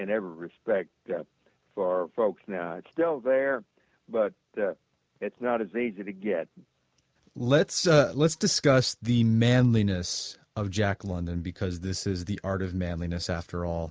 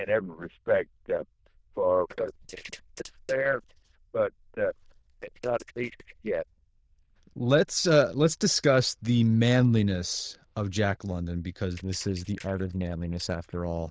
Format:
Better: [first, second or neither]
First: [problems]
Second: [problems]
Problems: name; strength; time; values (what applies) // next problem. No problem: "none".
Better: first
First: none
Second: noise reduction (neural diffusion model UNIVERSE++)